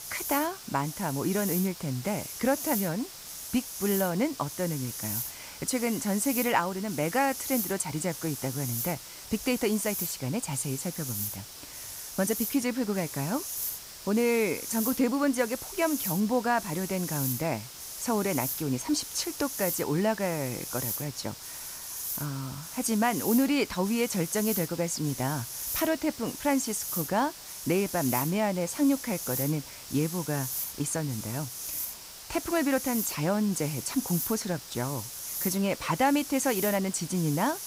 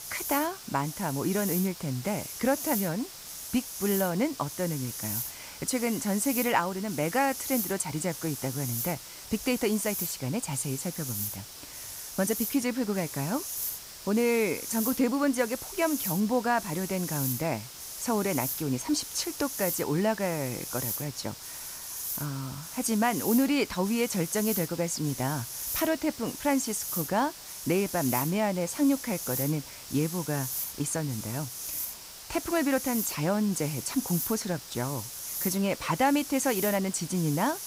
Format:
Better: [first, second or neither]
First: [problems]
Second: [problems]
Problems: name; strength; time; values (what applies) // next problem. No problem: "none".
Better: neither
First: hiss; loud; throughout; 5 dB below the speech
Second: hiss; loud; throughout; 5 dB below the speech